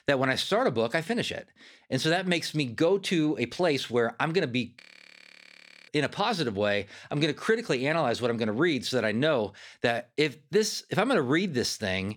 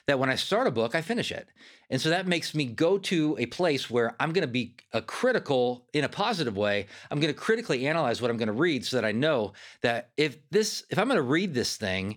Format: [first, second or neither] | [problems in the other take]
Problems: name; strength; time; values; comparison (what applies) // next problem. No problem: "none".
second | audio freezing; at 5 s for 1 s